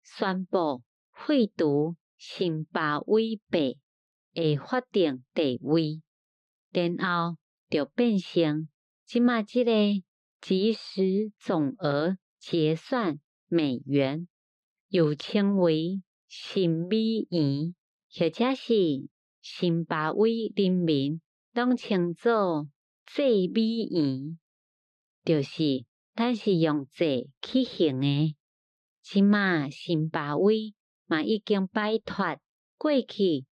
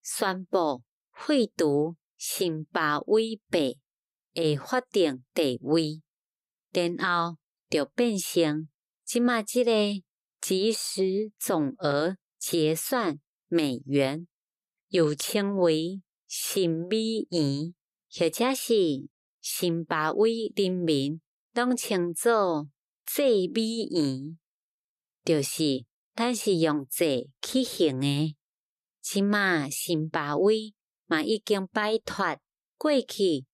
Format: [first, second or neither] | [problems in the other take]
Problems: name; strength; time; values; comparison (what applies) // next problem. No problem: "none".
second | muffled; very slightly; fading above 4 kHz